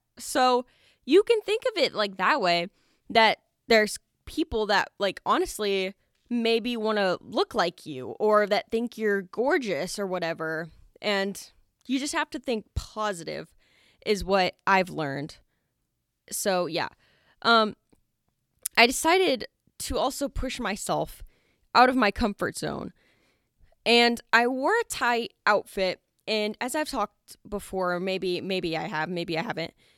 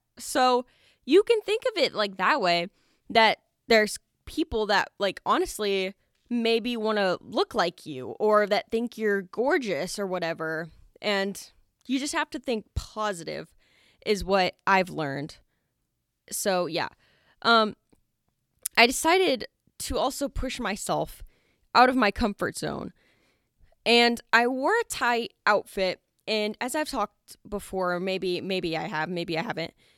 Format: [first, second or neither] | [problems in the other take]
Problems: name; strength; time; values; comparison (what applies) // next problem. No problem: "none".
neither | none